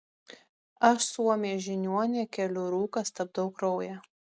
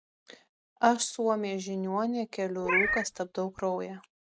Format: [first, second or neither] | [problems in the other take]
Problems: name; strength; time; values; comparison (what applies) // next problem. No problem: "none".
first | background sound (Meow); 1 dB below the speech